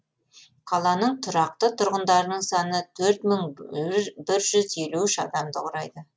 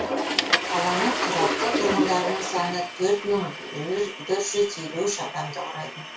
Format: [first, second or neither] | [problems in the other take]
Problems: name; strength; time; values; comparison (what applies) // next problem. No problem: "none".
first | background sound (Toilet flush / Water); 1 dB below the speech // room echo; dies away in 0.3 s